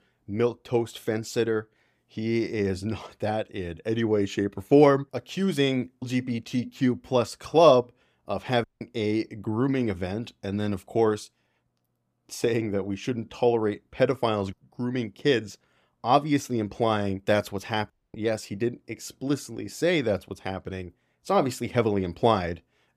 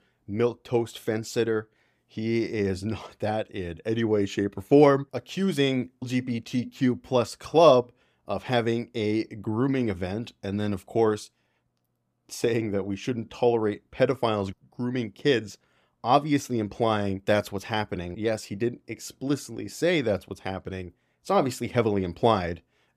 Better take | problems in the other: second | audio cutting out; at 8.5 s and at 18 s

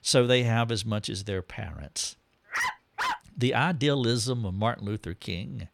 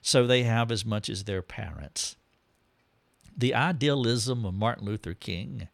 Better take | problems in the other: second | dog barking; noticeable; at 2.5 s; peak 2 dB below the speech

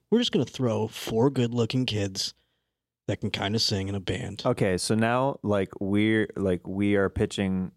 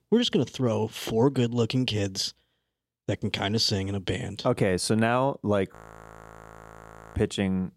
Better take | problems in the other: first | audio freezing; at 5.5 s for 1.5 s

